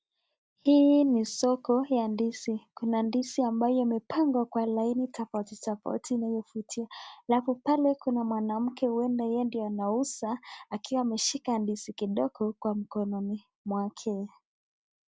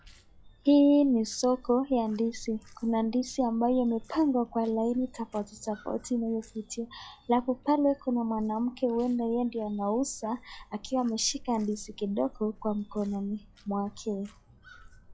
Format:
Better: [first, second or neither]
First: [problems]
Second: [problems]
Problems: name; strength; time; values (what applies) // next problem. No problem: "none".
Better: first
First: none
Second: noise reduction (classical method log-MMSE)